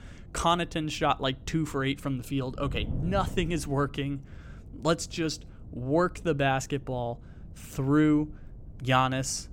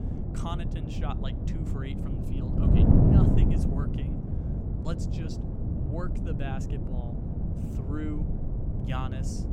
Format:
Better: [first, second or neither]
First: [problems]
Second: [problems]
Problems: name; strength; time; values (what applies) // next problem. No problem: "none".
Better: first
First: wind noise on the microphone; occasional gusts; 25 dB below the speech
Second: wind noise on the microphone; heavy; 4 dB above the speech